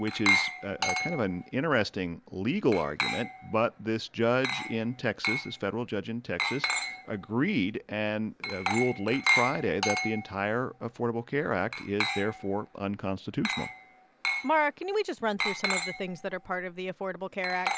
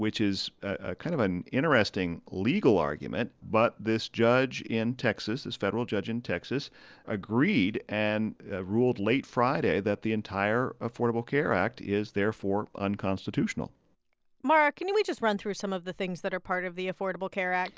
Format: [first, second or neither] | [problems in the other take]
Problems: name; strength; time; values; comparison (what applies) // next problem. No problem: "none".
second | background sound (Glass); 4 dB below the speech